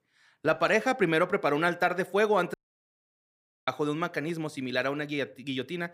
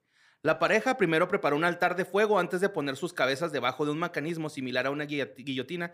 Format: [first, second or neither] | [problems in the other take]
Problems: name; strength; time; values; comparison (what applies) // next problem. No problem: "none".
second | audio cutting out; at 2.5 s for 1 s